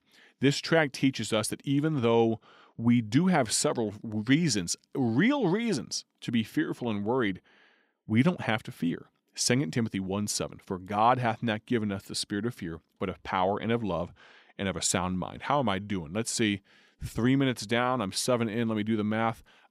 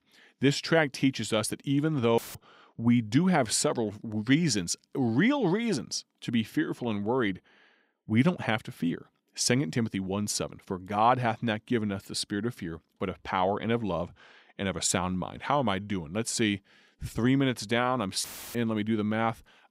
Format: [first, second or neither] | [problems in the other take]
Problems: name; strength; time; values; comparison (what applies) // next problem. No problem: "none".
first | audio cutting out; filled with static; at 2 s and at 18 s